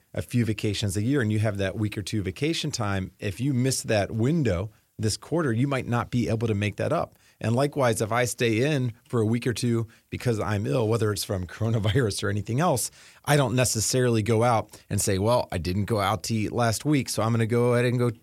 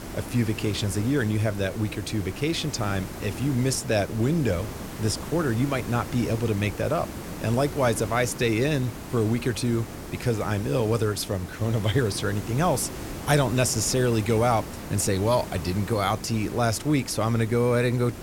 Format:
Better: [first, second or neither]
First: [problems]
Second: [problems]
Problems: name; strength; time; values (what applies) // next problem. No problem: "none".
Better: first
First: none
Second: hiss; noticeable; throughout; 10 dB below the speech